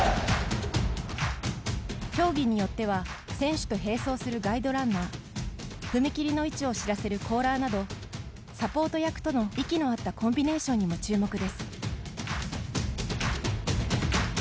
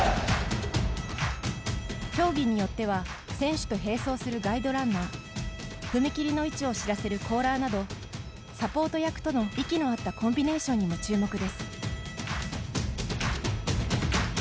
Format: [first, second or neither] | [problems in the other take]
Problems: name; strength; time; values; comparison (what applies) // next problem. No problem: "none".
first | background sound (Bowed string instrument); 19 dB below the speech